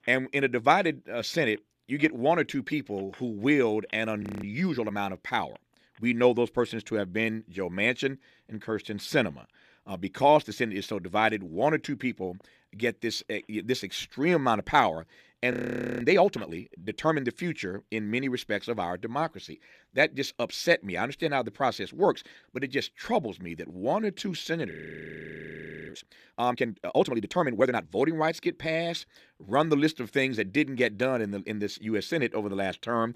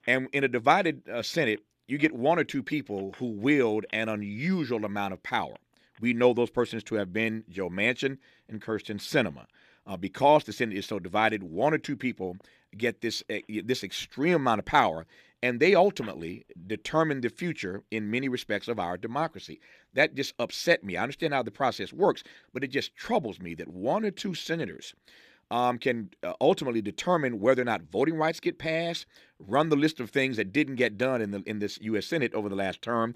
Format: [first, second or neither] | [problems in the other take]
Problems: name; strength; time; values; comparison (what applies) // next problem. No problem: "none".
second | audio freezing; at 4 s, at 16 s and at 25 s for 1 s